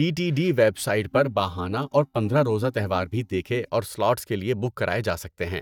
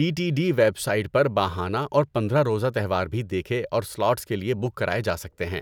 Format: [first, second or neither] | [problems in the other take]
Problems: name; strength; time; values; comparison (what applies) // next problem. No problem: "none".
second | noise reduction (neural mask model DeepFilterNet 3)